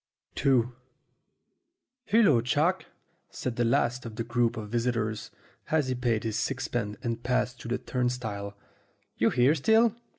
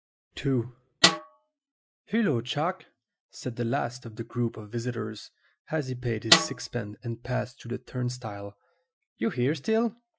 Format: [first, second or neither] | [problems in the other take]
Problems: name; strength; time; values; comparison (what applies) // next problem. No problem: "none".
first | noise reduction (classical method Wiener filter)